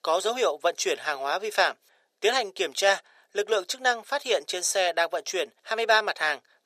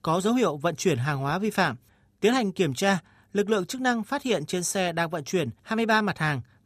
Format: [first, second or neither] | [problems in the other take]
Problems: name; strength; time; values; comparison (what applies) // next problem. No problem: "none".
second | thin; very; fading below 450 Hz